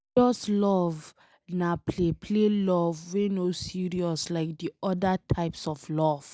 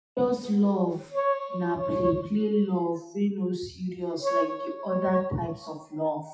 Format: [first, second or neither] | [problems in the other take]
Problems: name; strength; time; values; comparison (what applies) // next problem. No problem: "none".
first | noise reduction (classical method WPE with log-MMSE)